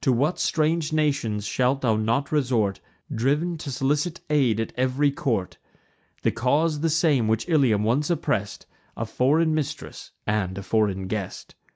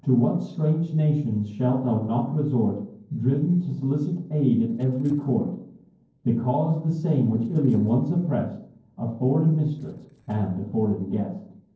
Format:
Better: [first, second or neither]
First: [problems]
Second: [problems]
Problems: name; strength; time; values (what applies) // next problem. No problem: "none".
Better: first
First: none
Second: noise reduction (neural separator model SepFormer DNS4)